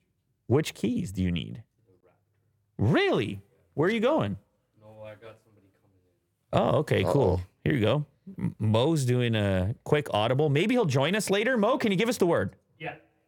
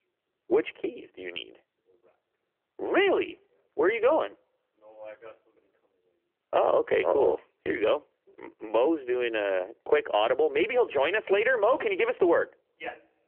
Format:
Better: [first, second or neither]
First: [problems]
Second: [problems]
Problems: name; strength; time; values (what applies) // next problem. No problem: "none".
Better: first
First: none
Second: phone-call audio; nothing above 3 kHz